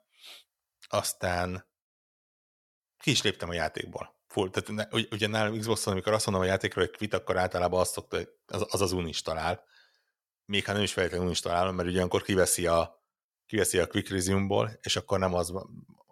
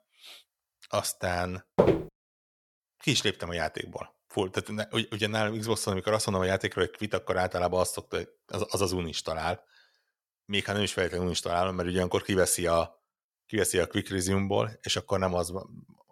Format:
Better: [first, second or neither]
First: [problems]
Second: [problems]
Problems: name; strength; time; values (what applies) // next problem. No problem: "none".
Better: first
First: none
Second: footsteps; loud; at 2 s; peak 5 dB above the speech